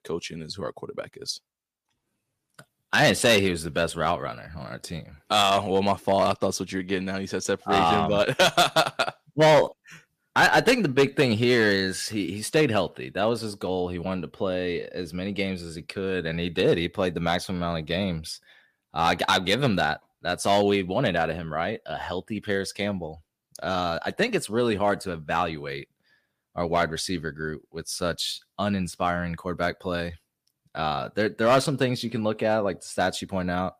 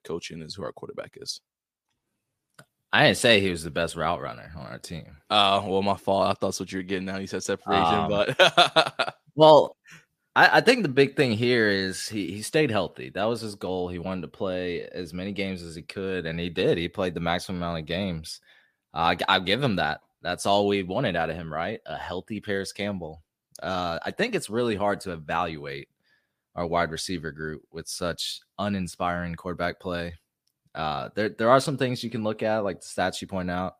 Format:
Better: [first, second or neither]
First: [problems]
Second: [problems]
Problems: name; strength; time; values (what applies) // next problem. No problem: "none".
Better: second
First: distortion; slight; 1.9% of the sound clipped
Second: none